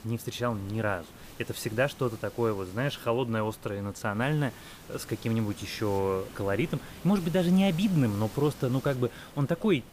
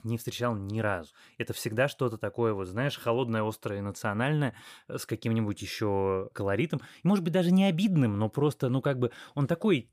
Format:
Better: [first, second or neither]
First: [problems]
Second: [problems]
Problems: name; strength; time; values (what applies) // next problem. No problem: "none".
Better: second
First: hiss; noticeable; throughout; 15 dB below the speech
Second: none